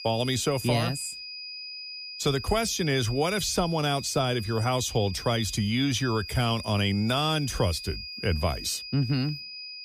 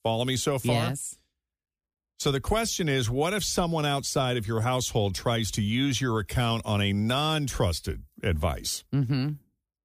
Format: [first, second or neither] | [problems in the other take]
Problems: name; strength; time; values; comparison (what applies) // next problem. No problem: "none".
second | high-pitched whine; noticeable; throughout; 5 kHz, 10 dB below the speech